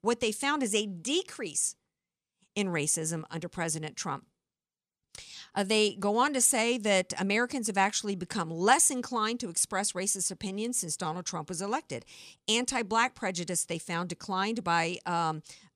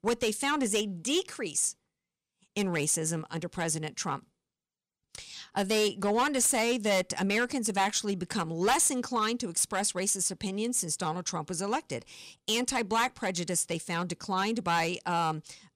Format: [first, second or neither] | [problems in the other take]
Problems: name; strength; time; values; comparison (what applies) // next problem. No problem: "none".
first | distortion; slight; 4% of the sound clipped